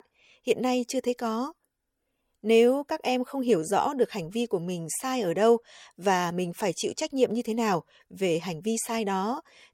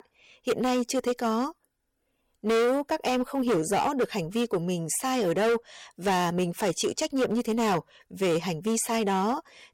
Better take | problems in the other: first | distortion; heavy; 12% of the sound clipped

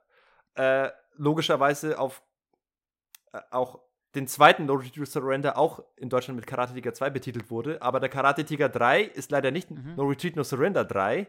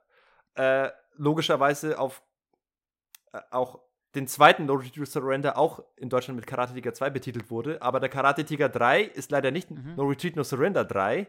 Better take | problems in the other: neither | none

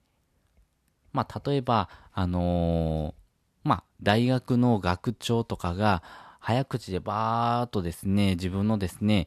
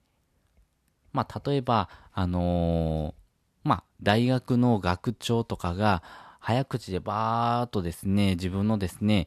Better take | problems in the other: neither | none

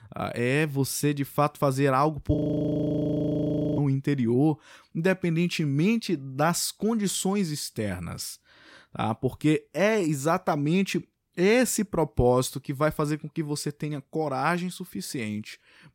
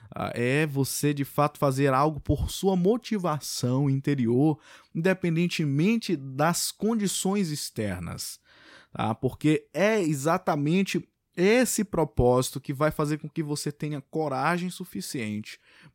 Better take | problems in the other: second | audio freezing; at 2.5 s for 1.5 s

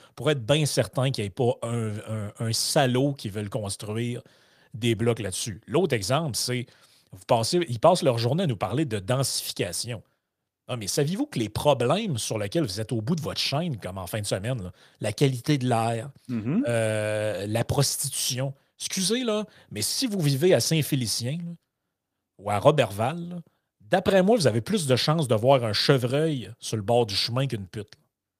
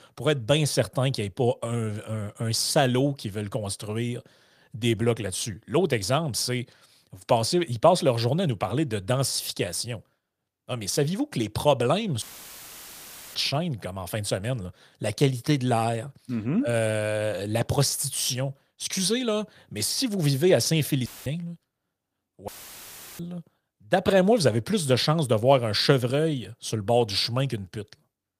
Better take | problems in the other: first | audio cutting out; filled with static; at 12 s for 1 s, at 21 s and at 22 s for 0.5 s

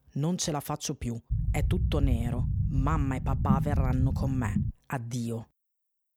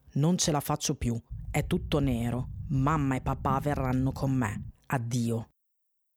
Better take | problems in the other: second | low rumble; loud; from 1.5 to 4.5 s; 7 dB below the speech; faint in the second

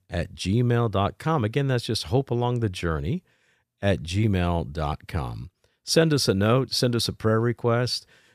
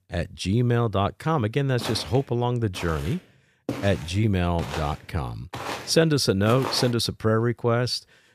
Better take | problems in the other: first | footsteps; noticeable; from 2 to 7 s; peak 7 dB below the speech

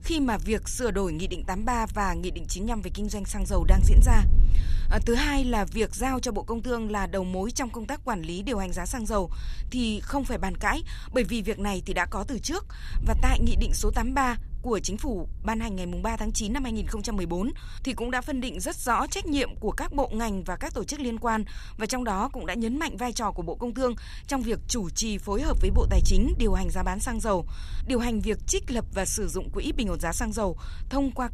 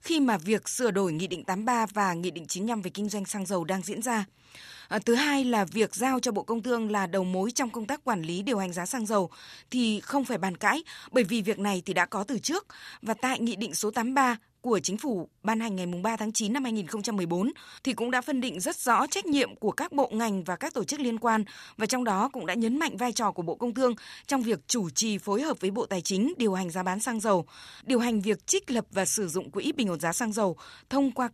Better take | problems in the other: second | wind noise on the microphone; occasional gusts; 25 dB below the speech

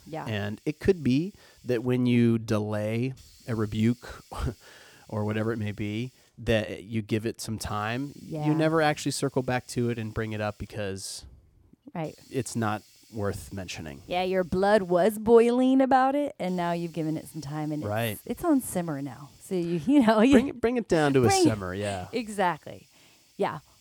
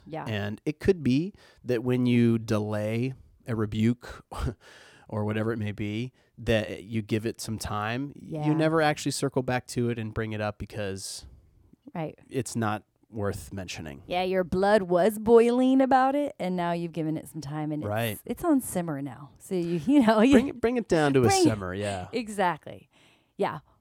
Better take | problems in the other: second | hiss; faint; throughout; 30 dB below the speech

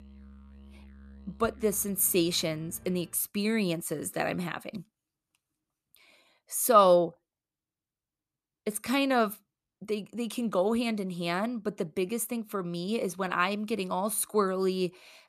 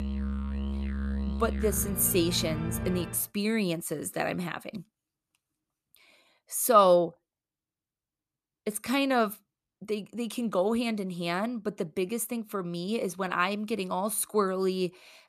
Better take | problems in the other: first | background music; loud; until 3 s; 6 dB below the speech; faint in the first

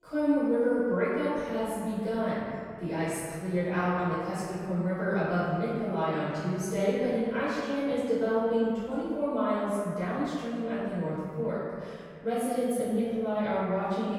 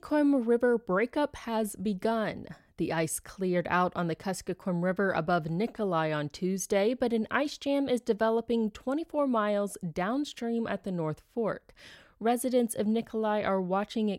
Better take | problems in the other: second | off-mic speech; far // room echo; strong; dies away in 2 s

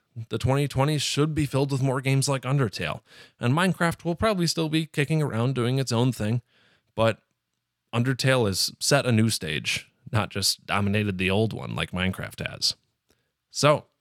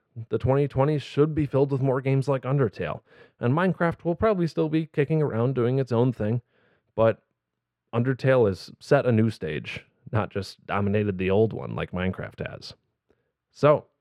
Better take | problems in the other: first | muffled; very; fading above 3.5 kHz

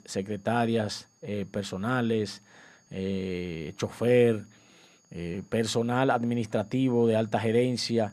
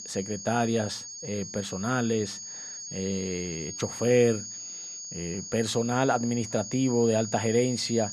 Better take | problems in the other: first | high-pitched whine; loud; throughout; 6.5 kHz, 9 dB below the speech; faint in the first

